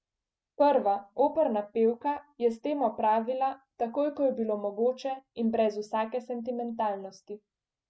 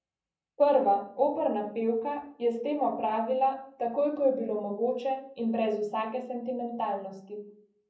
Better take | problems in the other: first | room echo; dies away in 0.6 s

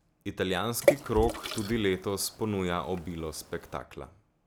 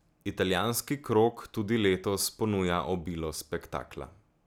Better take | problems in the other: second | background sound (Water / Splash, splatter); 1 dB below the speech

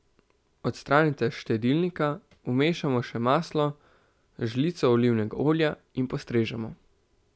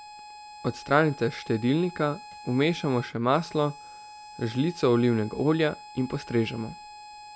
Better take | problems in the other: first | background sound (Harmonica); 18 dB below the speech

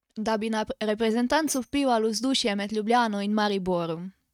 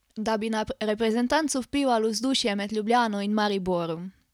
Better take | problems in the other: second | noise reduction (neural mask model RNNoise)

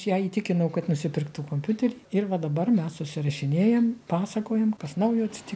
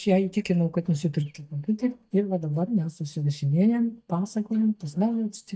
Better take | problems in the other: first | noise reduction (neural mask model DeepFilterNet 3)

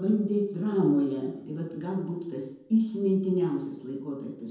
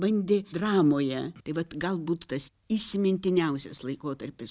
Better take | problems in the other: second | room echo; dies away in 0.9 s

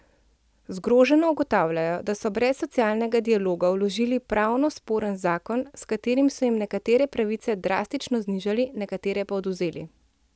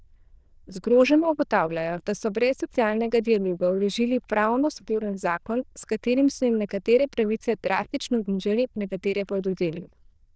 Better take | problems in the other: first | noise reduction (neural diffusion model UNIVERSE++)

